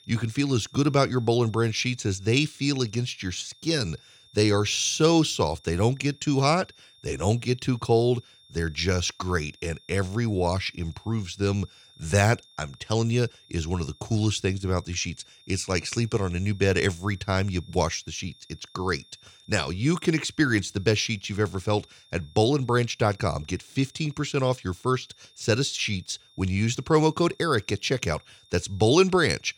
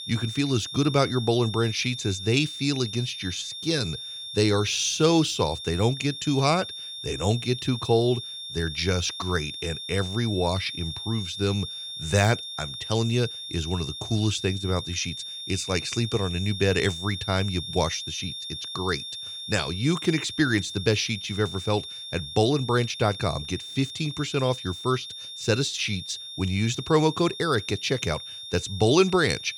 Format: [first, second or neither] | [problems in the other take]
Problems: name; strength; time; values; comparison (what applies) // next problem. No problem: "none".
first | high-pitched whine; loud; throughout; 3.5 kHz, 8 dB below the speech; faint in the first